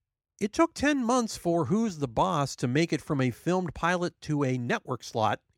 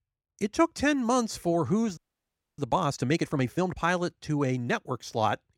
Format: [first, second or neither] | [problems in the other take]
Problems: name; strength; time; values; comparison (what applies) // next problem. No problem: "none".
first | audio freezing; at 2 s for 0.5 s